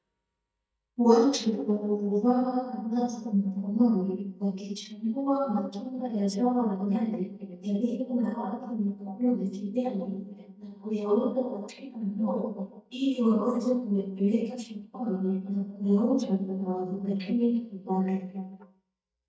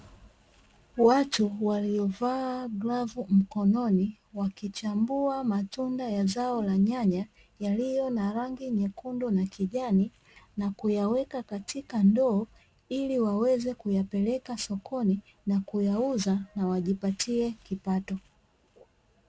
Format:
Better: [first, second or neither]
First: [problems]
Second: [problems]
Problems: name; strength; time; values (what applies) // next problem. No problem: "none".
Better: second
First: noise reduction (neural mask model DeepFilterNet 3)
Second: none